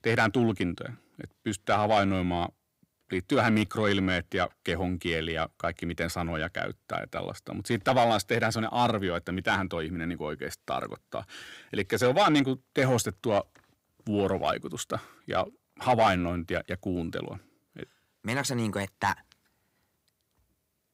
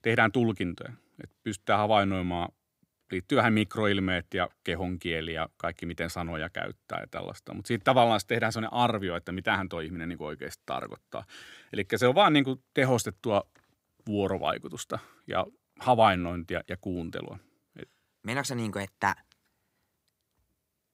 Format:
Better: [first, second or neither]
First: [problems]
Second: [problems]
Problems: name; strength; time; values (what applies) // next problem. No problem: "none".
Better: second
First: distortion; slight; 10 dB below the speech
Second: none